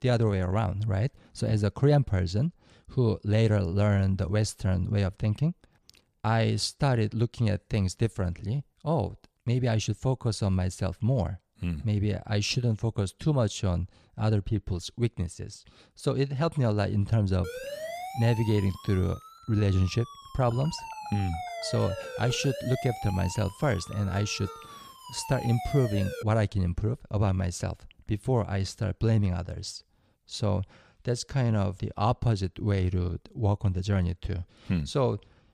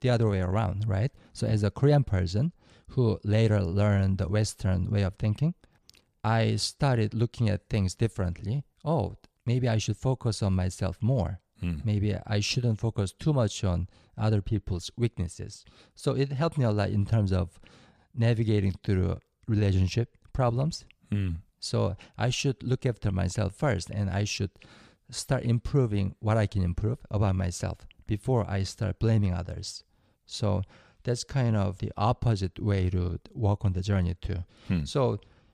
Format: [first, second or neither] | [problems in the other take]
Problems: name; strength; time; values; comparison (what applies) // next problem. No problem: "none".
second | siren; noticeable; from 17 to 26 s; peak 8 dB below the speech